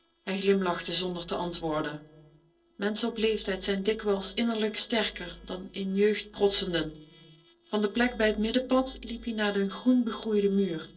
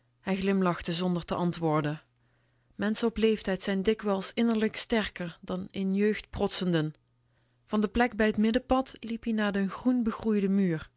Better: second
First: noise reduction (neural separator model SepFormer DNS4)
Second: none

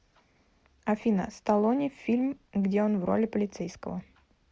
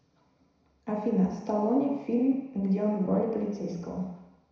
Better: first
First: none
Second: room echo; dies away in 1 s

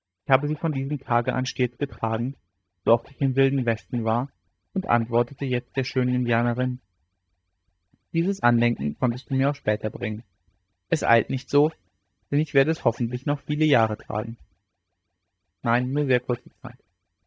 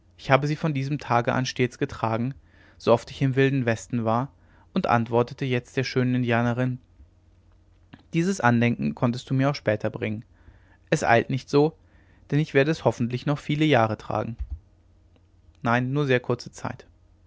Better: second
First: noise reduction (neural mask model DeepFilterNet 3)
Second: none

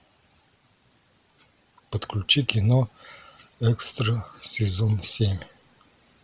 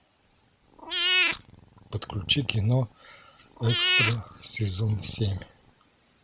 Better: first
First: none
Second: background sound (Meow / Purr); as loud as the speech

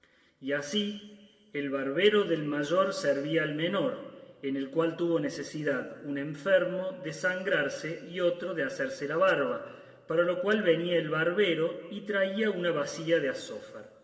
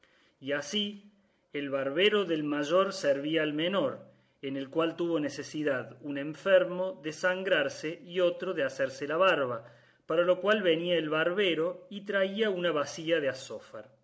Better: second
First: room echo; dies away in 1.7 s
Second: none

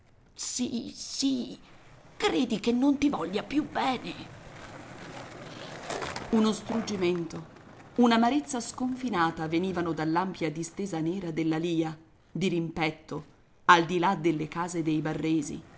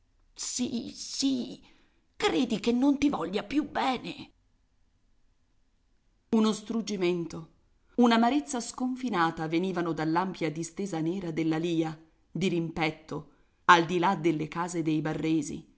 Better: second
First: background sound (Skateboard); 17 dB below the speech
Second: none

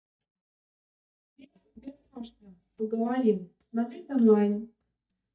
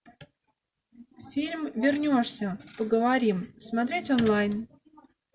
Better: second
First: noise reduction (neural mask model DeepFilterNet 3)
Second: none

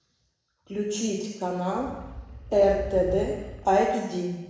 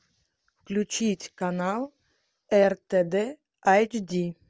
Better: second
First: background sound (Animal); 12 dB below the speech // room echo; dies away in 1 s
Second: none

